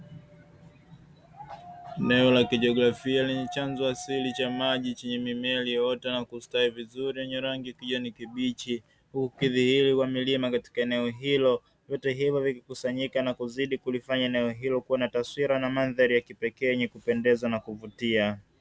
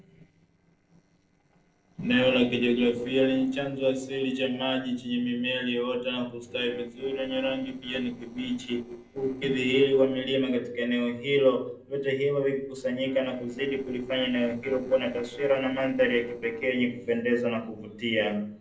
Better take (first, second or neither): first